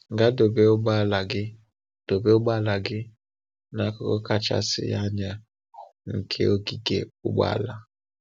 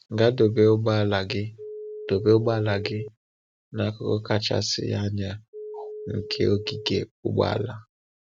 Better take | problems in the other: first | noise reduction (neural mask model RNNoise)

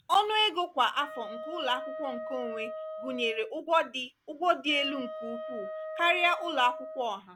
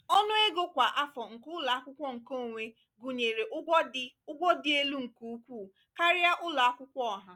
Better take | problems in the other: second | background sound (Wind instrument, woodwind instrument); 10 dB below the speech

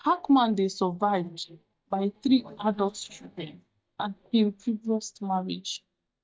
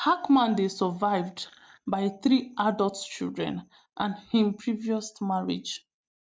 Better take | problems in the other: second | noise reduction (neural mask model DeepFilterNet 3)

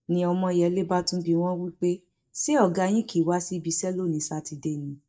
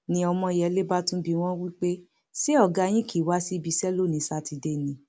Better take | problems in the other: second | noise reduction (neural mask model DeepFilterNet 3)

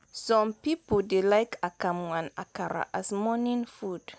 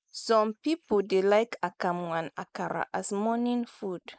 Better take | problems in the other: first | noise reduction (neural mask model Resemble Enhance denoiser)

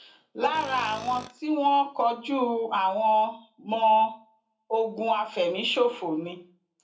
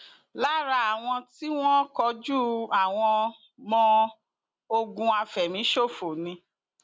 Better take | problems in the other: second | background sound (Tools); 16 dB below the speech // room echo; dies away in 0.3 s

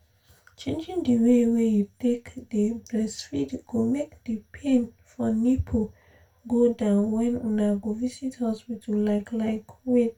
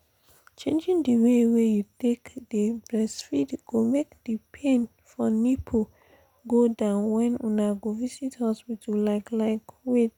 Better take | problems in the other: second | room echo; dies away in 0.2 s

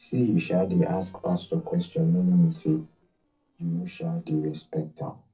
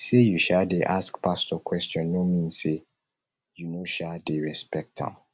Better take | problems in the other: second | noise reduction (neural separator model SepFormer DNS4)

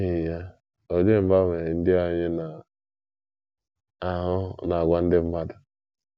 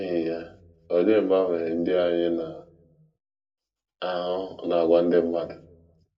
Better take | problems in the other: first | room echo; dies away in 0.2 s

